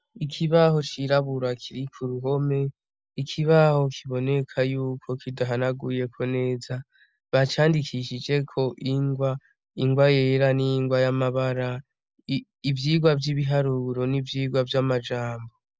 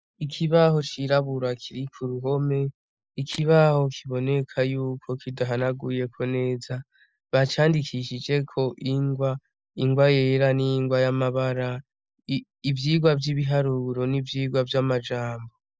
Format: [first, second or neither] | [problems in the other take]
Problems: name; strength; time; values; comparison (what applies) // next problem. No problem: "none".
first | noise reduction (neural mask model DeepFilterNet 3)